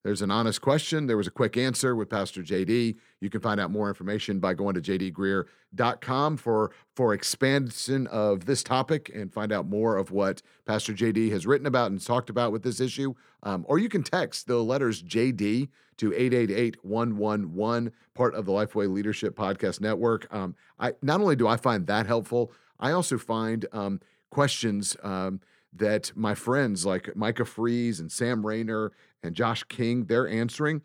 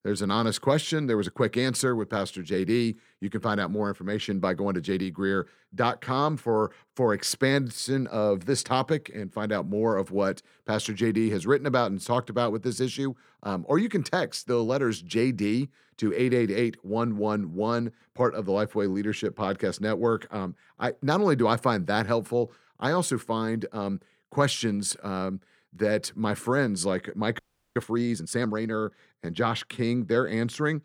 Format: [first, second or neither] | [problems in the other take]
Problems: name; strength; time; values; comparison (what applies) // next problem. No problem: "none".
first | audio freezing; at 27 s